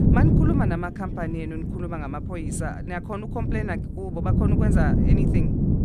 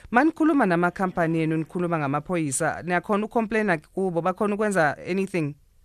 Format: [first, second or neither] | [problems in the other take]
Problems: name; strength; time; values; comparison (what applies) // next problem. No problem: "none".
second | wind noise on the microphone; heavy; as loud as the speech